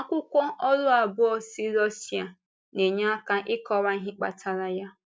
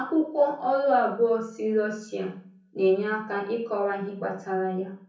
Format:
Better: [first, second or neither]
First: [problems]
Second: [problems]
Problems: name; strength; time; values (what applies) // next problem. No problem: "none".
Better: first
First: none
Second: room echo; dies away in 0.6 s